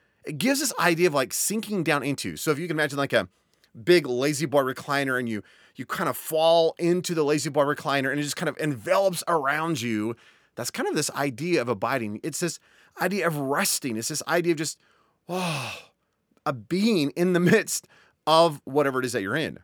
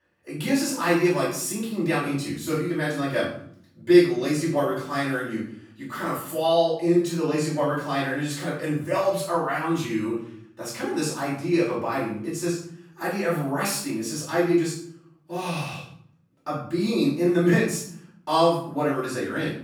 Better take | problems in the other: first | off-mic speech; far // room echo; noticeable; dies away in 0.6 s

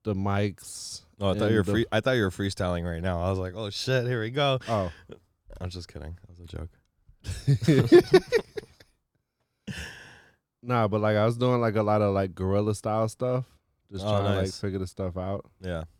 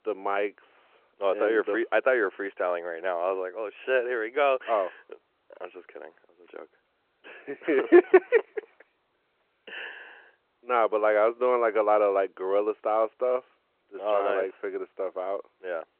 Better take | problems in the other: first | phone-call audio

